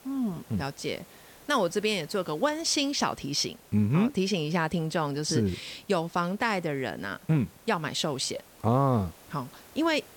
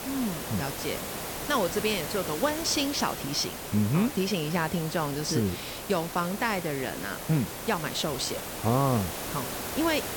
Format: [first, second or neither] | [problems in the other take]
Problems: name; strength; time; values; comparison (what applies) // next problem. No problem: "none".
first | hiss; loud; throughout; 6 dB below the speech; faint in the first